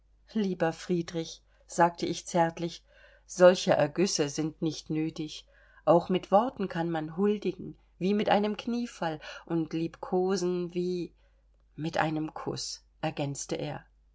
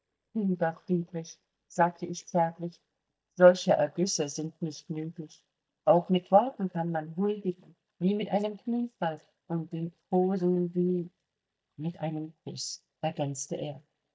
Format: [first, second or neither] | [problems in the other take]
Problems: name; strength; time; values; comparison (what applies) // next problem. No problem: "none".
first | noise reduction (neural mask model DeepFilterNet 3)